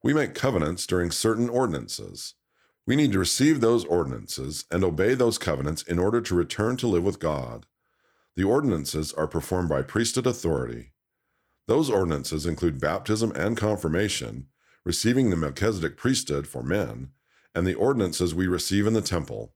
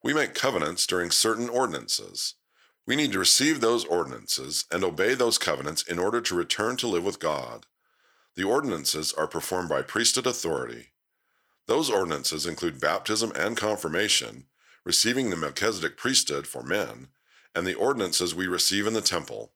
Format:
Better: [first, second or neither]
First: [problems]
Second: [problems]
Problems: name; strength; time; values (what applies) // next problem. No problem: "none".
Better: first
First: none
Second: thin; somewhat; fading below 850 Hz